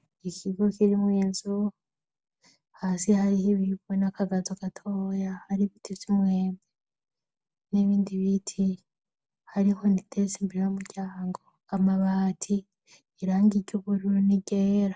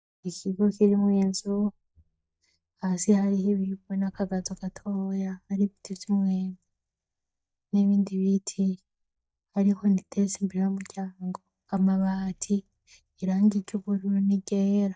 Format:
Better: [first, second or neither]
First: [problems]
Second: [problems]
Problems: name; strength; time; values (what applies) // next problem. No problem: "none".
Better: first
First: none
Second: noise reduction (neural mask model DeepFilterNet 3)